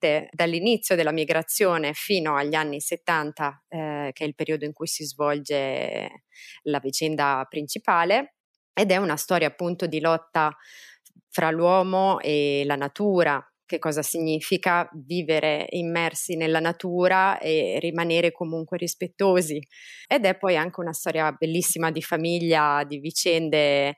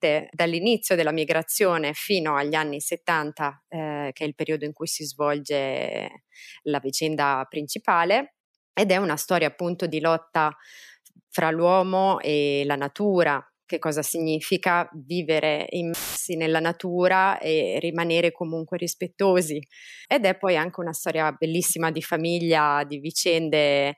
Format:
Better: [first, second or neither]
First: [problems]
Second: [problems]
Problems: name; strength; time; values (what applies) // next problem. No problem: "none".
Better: first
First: none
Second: audio cutting out; filled with static; at 16 s